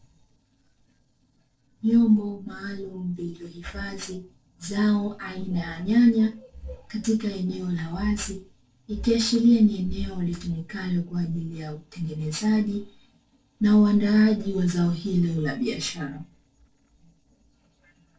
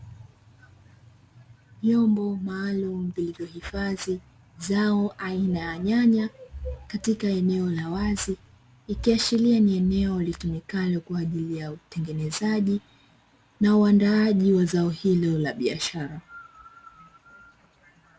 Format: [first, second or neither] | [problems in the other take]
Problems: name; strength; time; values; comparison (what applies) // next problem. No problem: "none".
second | noise reduction (neural separator model SepFormer DNS4)